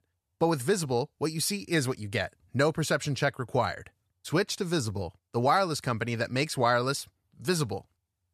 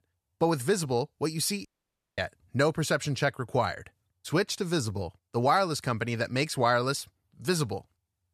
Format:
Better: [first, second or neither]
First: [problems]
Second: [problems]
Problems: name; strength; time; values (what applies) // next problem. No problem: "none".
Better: first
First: none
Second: audio cutting out; at 1.5 s for 0.5 s